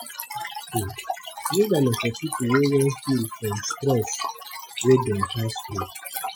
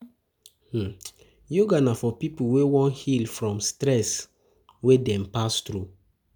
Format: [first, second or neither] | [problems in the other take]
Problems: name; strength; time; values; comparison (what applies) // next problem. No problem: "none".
second | noise reduction (classical method Wiener filter)